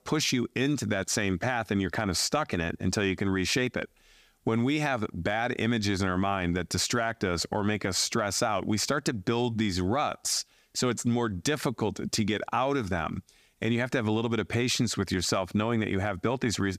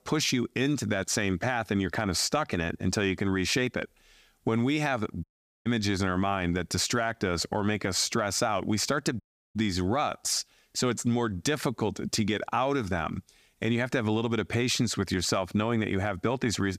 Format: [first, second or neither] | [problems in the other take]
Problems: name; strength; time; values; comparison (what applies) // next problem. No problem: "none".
first | audio cutting out; at 5 s and at 9 s